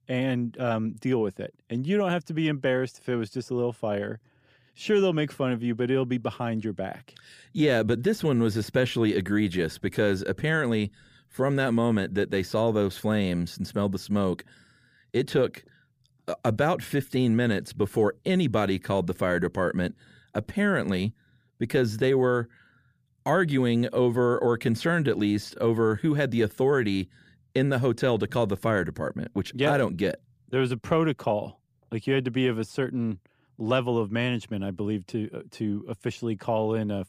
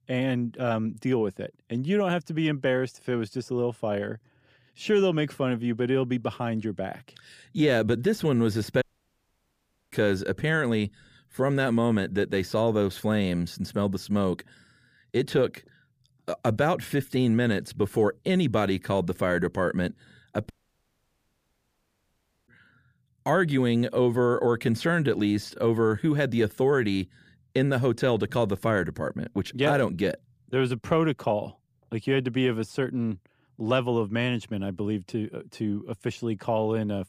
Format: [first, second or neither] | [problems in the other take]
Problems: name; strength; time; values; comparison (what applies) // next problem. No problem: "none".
first | audio cutting out; at 9 s for 1 s and at 21 s for 2 s